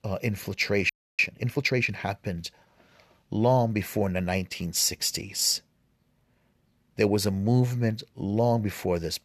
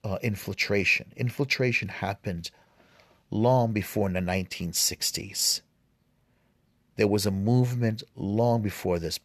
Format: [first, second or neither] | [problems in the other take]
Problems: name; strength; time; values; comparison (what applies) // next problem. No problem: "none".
second | audio freezing; at 1 s